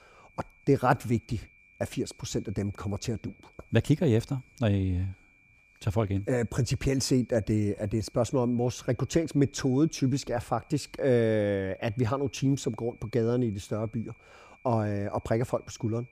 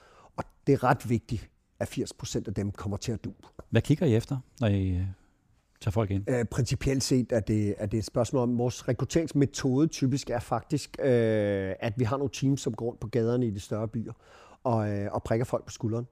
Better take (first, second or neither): second